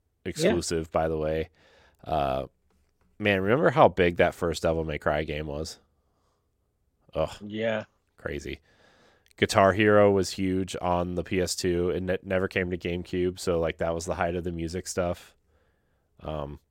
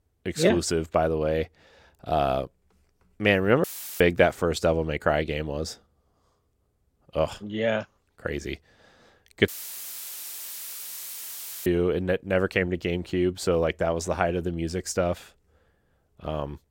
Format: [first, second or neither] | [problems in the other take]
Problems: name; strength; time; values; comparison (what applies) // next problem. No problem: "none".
first | audio cutting out; filled with static; at 3.5 s and at 9.5 s for 2 s